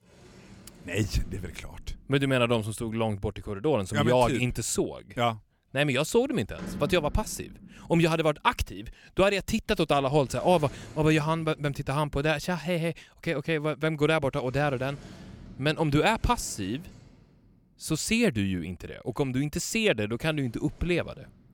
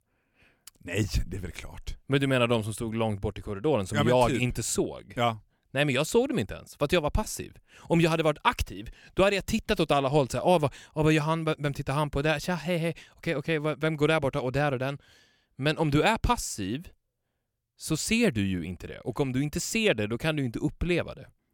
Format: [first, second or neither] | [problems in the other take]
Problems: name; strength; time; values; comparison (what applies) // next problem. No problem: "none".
second | household noises; noticeable; throughout; 20 dB below the speech